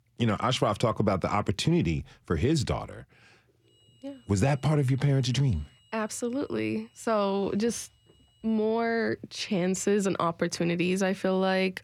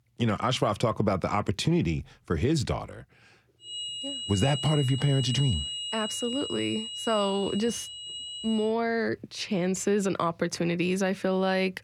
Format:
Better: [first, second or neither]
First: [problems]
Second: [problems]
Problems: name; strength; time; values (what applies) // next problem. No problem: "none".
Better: first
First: high-pitched whine; faint; from 3.5 to 8.5 s; 3 kHz, 35 dB below the speech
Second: high-pitched whine; loud; from 3.5 to 8.5 s; 3 kHz, 6 dB below the speech